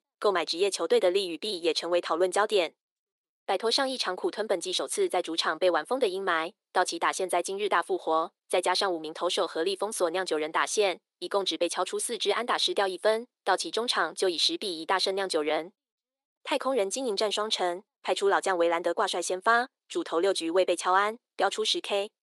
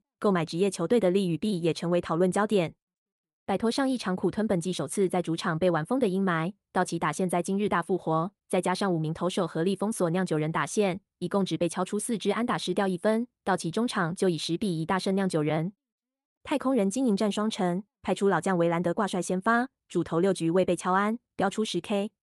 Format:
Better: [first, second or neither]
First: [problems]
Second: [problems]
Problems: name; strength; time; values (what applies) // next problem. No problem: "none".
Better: second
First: thin; very; fading below 350 Hz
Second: none